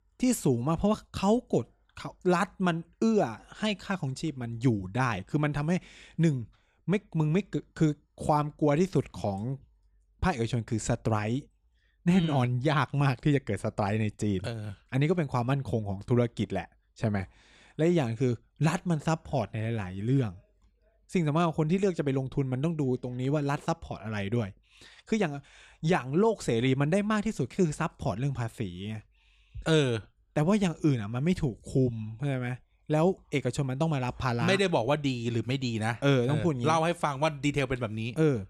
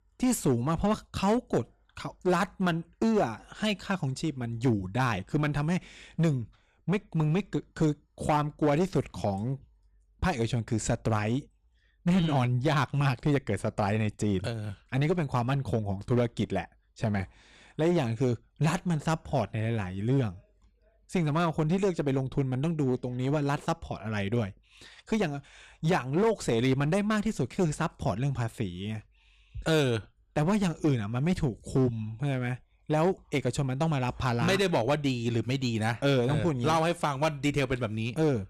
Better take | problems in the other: first | distortion; slight; 7% of the sound clipped

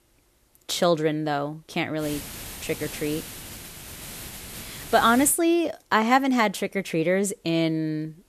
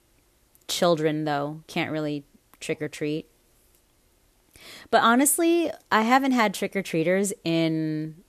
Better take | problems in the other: second | hiss; noticeable; from 2 to 5.5 s; 15 dB below the speech

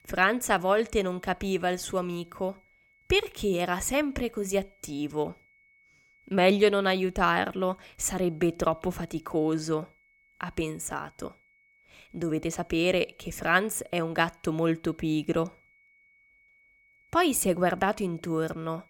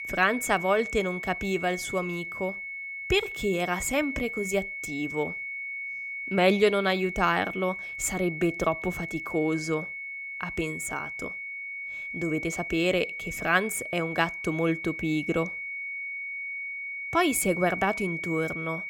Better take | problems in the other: first | high-pitched whine; loud; throughout; 2 kHz, 6 dB below the speech; faint in the first

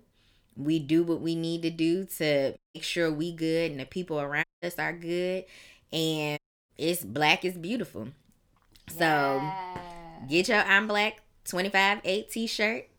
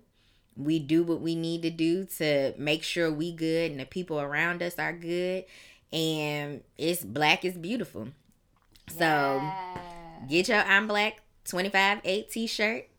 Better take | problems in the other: second | audio cutting out; at 2.5 s, at 4.5 s and at 6.5 s

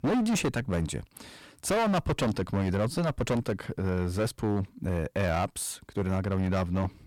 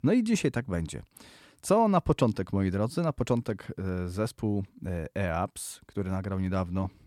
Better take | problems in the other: second | distortion; heavy; 18% of the sound clipped

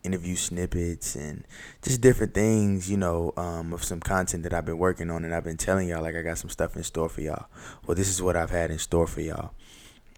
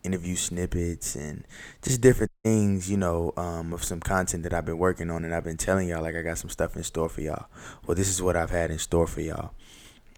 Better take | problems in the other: first | audio cutting out; at 2.5 s

